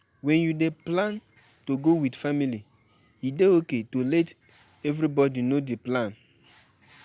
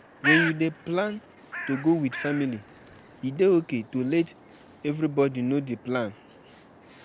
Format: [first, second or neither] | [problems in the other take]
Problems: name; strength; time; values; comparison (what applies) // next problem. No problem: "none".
first | background sound (Bird); 8 dB below the speech